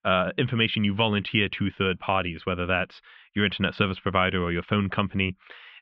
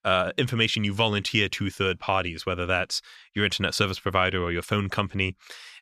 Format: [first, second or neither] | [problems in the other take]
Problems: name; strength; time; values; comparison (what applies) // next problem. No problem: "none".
second | muffled; very; fading above 3 kHz